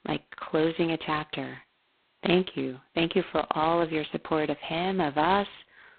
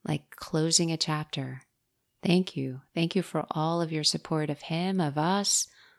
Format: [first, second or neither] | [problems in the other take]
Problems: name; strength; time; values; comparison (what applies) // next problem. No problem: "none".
second | phone-call audio; poor line; nothing above 4 kHz